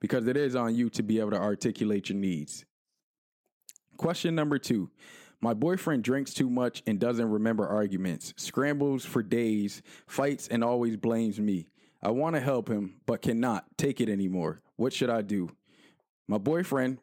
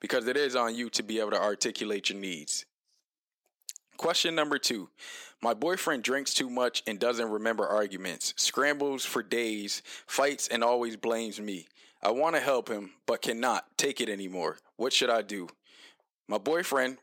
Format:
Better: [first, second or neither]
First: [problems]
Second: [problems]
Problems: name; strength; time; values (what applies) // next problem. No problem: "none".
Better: first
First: none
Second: thin; somewhat; fading below 500 Hz